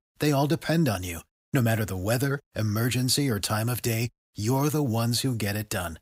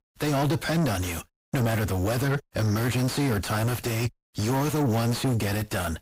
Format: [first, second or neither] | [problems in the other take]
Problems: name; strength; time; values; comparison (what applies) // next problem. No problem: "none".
first | distortion; heavy; 6 dB below the speech